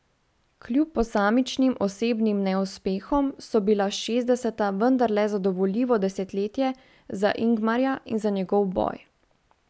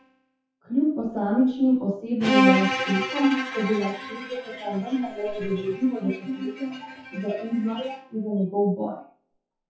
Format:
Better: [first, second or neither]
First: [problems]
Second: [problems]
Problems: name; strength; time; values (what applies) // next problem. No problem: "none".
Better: first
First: none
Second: noise reduction (classical method WPE with log-MMSE)